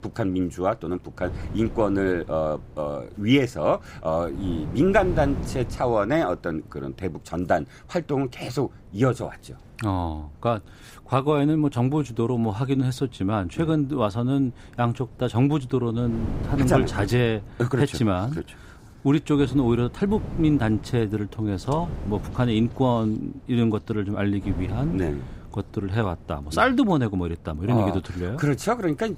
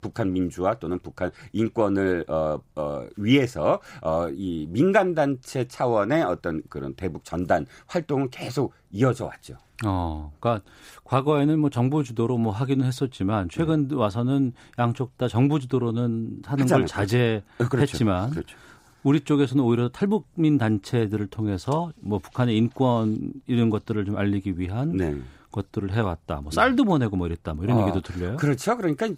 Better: second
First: wind noise on the microphone; occasional gusts; 20 dB below the speech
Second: none

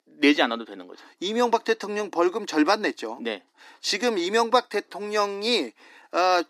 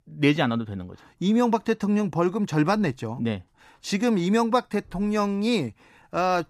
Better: second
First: thin; somewhat; fading below 300 Hz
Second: none

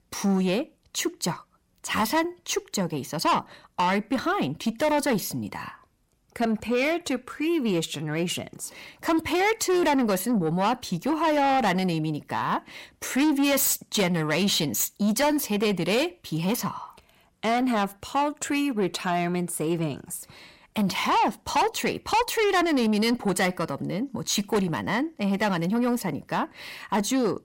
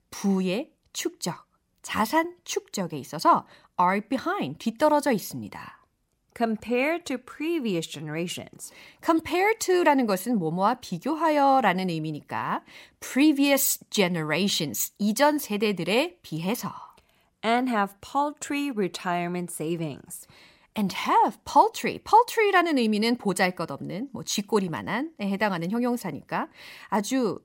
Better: second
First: distortion; heavy; 8 dB below the speech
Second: none

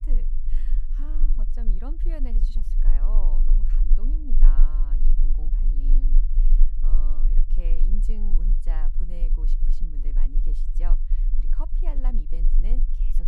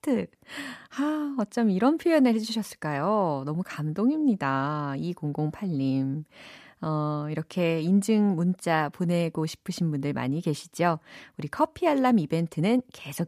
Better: second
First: low rumble; loud; throughout; 6 dB below the speech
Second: none

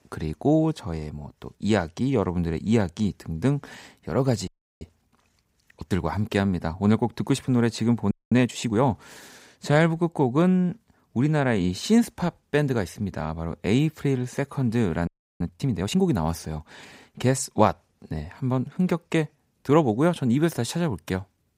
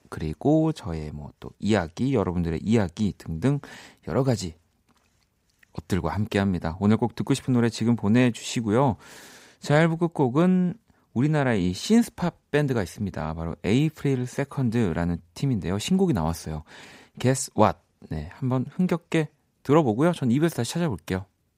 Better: second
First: audio freezing; at 4.5 s, at 8 s and at 15 s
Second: none

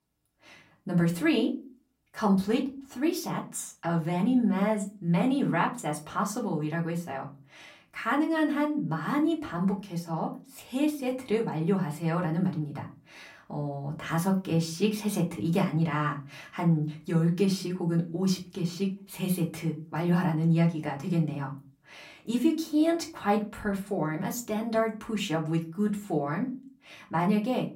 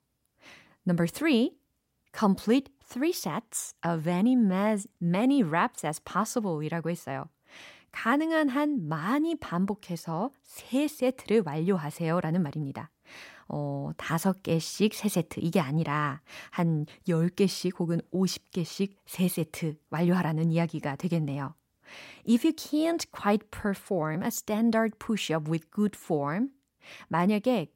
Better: second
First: off-mic speech; far // room echo; very slight; dies away in 0.3 s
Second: none

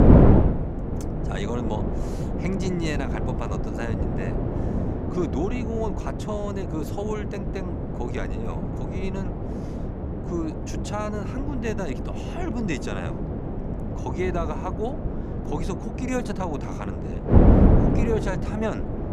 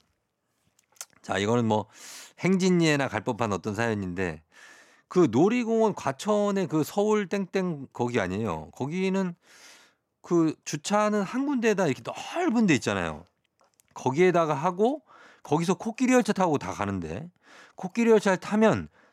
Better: second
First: wind noise on the microphone; heavy; 1 dB above the speech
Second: none

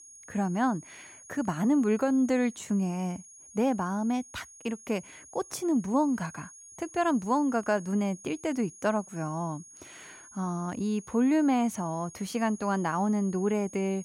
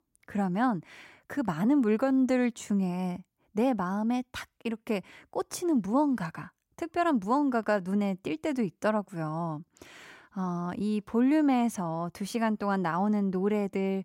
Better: second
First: high-pitched whine; noticeable; throughout; 6.5 kHz, 20 dB below the speech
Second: none

